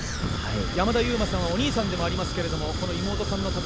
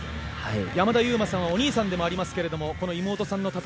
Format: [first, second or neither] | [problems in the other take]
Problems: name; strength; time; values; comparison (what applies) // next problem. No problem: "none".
second | background sound (Fire); 1 dB below the speech